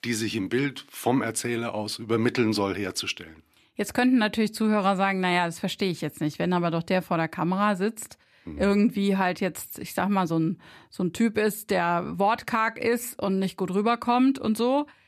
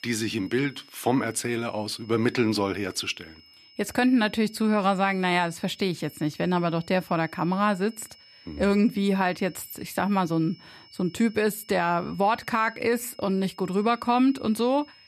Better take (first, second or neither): first